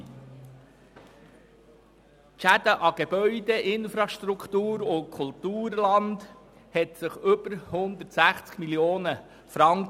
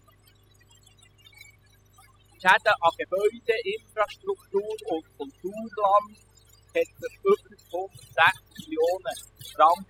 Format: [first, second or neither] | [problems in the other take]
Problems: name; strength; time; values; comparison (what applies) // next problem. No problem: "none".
first | noise reduction (classical method spectral subtraction)